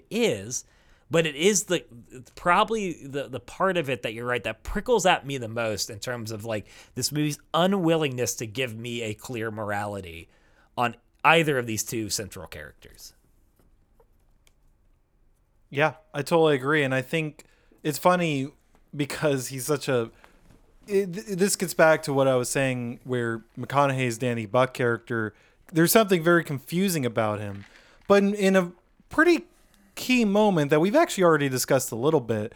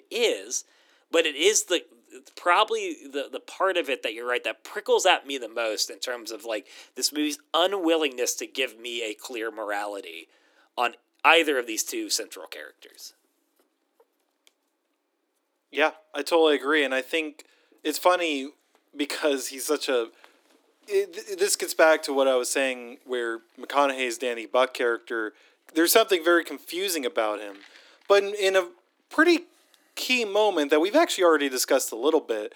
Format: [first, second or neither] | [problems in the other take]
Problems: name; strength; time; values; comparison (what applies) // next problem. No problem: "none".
first | thin; somewhat; fading below 300 Hz